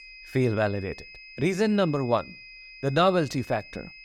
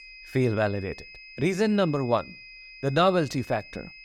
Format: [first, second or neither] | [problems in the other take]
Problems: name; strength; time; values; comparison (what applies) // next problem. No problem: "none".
neither | high-pitched whine; noticeable; throughout; 2.5 kHz, 20 dB below the speech; the same in both